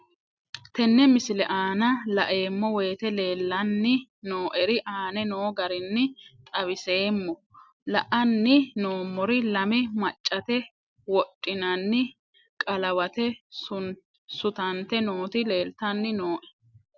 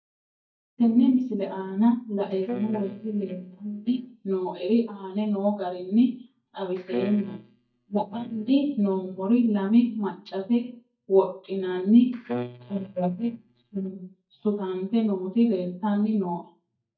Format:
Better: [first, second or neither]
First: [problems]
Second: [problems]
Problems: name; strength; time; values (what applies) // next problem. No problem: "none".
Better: first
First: none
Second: noise reduction (neural mask model DeepFilterNet 3)